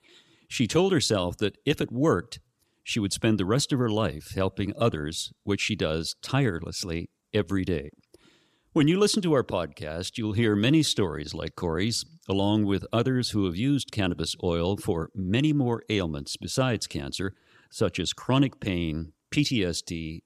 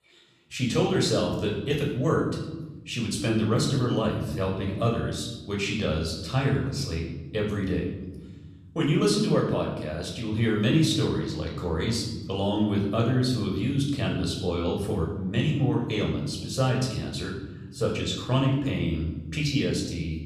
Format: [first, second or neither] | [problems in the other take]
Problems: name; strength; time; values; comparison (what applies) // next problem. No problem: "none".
first | room echo; noticeable; dies away in 1.3 s // off-mic speech; somewhat distant